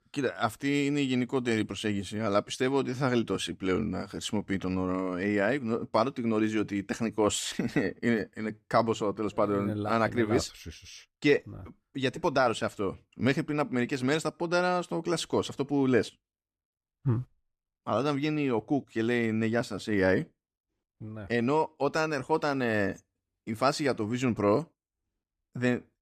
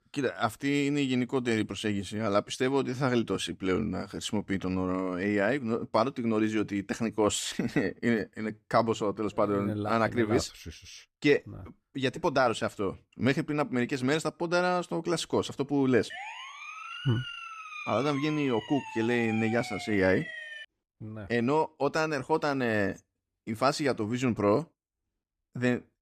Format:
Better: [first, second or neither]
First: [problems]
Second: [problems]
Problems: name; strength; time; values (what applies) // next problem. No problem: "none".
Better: first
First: none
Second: siren; noticeable; from 16 to 21 s; peak 8 dB below the speech